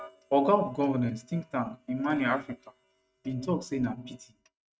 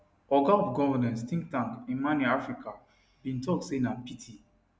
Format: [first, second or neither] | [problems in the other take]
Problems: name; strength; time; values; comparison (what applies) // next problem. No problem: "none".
second | noise reduction (neural mask model RNNoise)